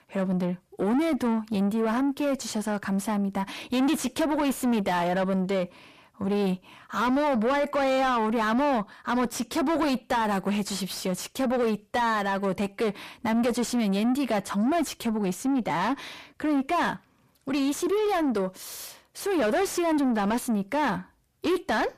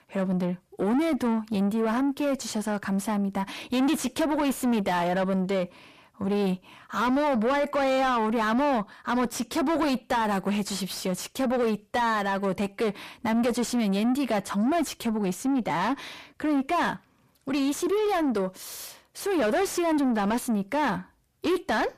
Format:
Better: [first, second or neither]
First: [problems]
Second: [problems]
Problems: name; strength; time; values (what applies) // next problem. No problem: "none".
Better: neither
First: distortion; heavy; 7 dB below the speech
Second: distortion; heavy; 7 dB below the speech